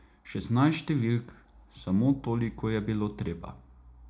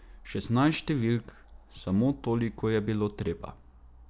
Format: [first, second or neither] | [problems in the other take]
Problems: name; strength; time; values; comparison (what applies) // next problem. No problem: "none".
second | room echo; dies away in 0.3 s